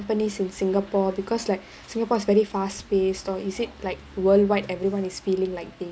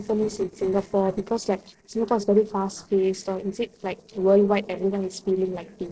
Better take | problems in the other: first | noise reduction (neural separator model SepFormer DNS4)

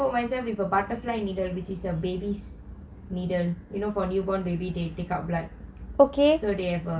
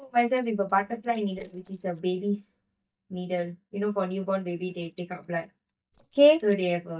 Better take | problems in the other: first | noise reduction (neural mask model DeepFilterNet 3)

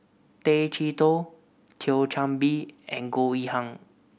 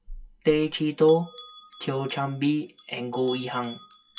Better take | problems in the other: first | noise reduction (classical method WPE with log-MMSE)

